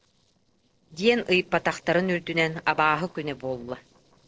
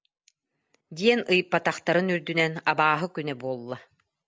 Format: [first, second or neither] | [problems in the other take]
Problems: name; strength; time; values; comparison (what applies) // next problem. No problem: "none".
second | noise reduction (neural separator model SepFormer DNS4)